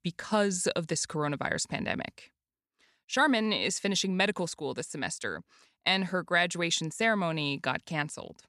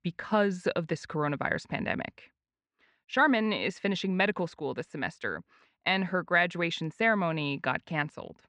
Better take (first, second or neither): first